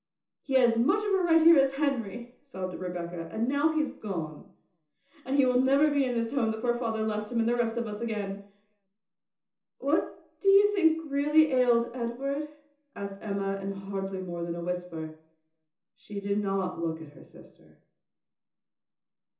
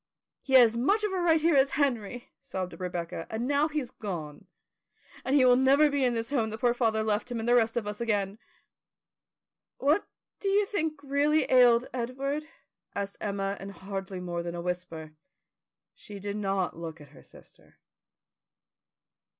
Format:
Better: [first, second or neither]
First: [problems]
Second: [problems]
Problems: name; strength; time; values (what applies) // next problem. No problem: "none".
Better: second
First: room echo; dies away in 0.6 s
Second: none